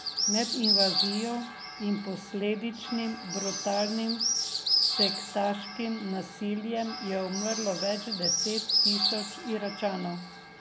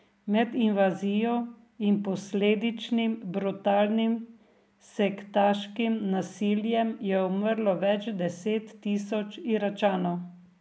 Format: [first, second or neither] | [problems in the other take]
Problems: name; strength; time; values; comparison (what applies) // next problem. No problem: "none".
second | background sound (Bird); 1 dB above the speech